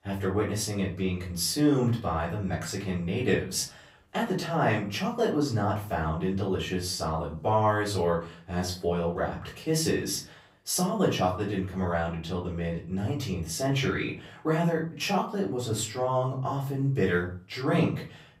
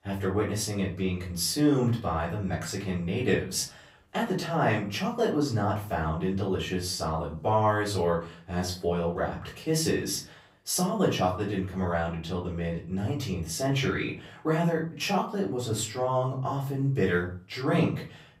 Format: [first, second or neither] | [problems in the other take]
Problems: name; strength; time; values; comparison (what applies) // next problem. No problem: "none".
neither | off-mic speech; far; the same in both // room echo; slight; dies away in 0.4 s; the same in both